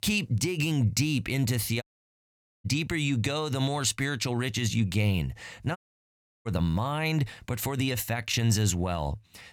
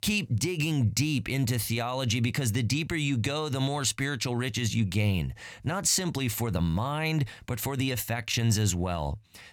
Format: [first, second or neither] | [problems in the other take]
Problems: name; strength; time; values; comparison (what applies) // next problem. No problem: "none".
second | audio cutting out; at 2 s for 1 s and at 6 s for 0.5 s